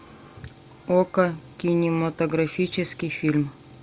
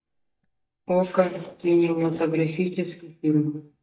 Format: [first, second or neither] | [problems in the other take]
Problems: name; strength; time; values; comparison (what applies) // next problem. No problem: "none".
first | noise reduction (neural mask model DeepFilterNet 3)